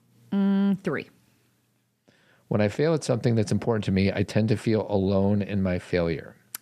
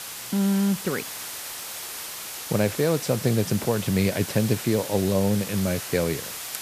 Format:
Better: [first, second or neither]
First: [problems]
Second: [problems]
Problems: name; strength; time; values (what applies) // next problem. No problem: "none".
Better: first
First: none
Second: hiss; loud; throughout; 8 dB below the speech